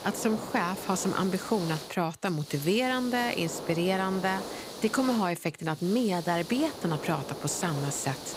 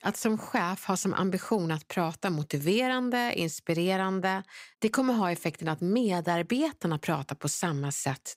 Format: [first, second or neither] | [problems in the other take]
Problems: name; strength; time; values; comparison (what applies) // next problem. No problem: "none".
second | hiss; noticeable; throughout; 10 dB below the speech